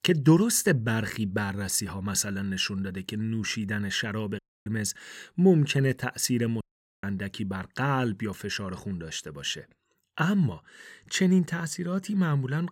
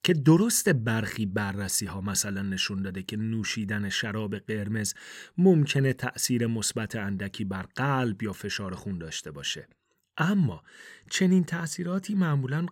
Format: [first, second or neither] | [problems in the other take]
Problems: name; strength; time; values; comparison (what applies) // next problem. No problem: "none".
second | audio cutting out; at 4.5 s and at 6.5 s